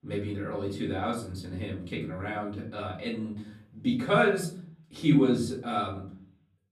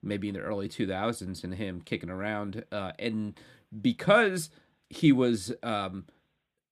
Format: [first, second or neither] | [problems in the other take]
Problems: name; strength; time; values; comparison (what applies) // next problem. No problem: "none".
second | off-mic speech; far // room echo; slight; dies away in 0.5 s